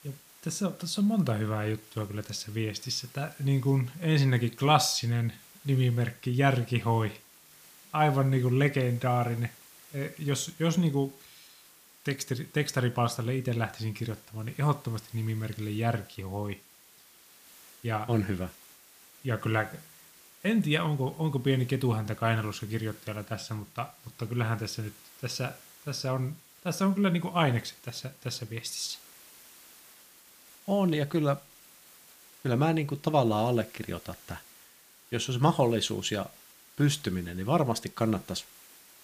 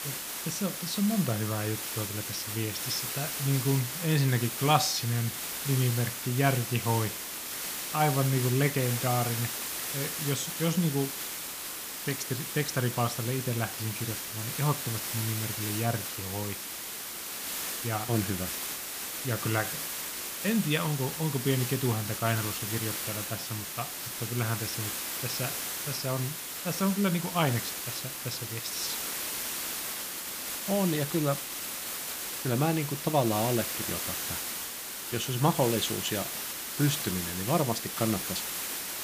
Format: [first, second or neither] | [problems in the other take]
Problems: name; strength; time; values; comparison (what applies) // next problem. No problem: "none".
first | hiss; loud; throughout; 2 dB below the speech; faint in the first